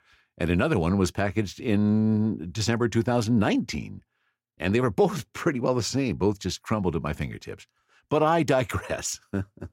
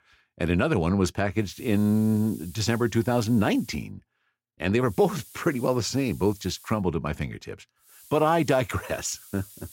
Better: first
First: none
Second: hiss; faint; from 1.5 to 4 s, from 5 to 6.5 s and from 8 s on; 20 dB below the speech

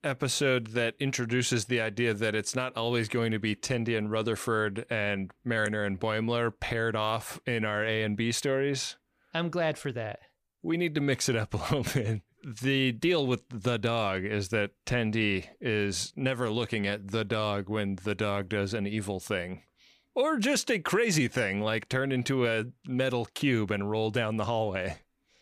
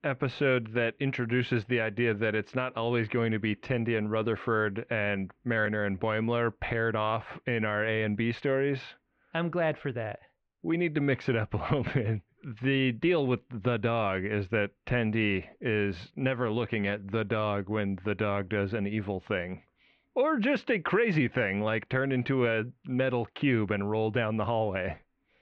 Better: first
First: none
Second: muffled; very; fading above 3 kHz

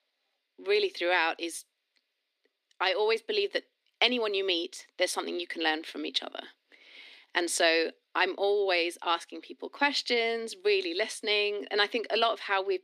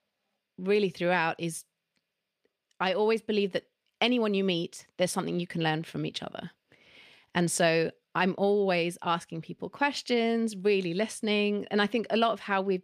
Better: second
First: thin; somewhat; fading below 250 Hz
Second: none

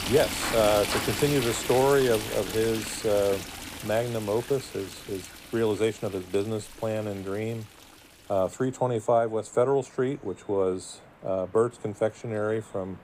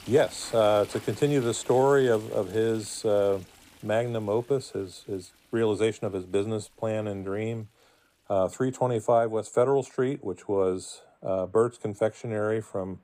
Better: second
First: rain or running water; loud; throughout; 6 dB below the speech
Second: rain or running water; faint; throughout; 20 dB below the speech

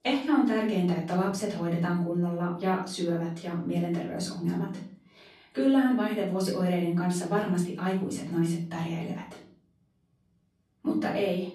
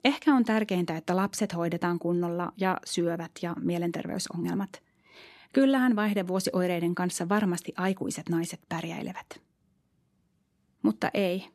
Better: second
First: off-mic speech; far // room echo; slight; dies away in 0.5 s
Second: none

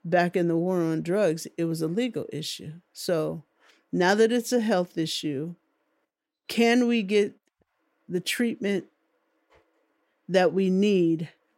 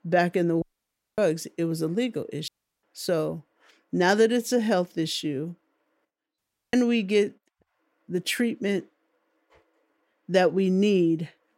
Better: first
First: none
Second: audio cutting out; at 0.5 s for 0.5 s, at 2.5 s and at 6.5 s

